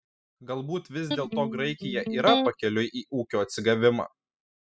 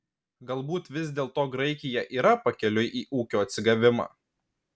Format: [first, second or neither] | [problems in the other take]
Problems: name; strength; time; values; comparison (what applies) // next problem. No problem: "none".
second | noise reduction (classical method spectral subtraction)